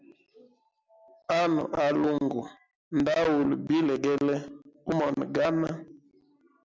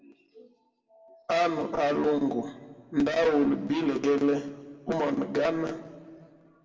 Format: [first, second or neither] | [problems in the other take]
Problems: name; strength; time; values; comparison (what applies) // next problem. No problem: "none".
first | room echo; dies away in 1.2 s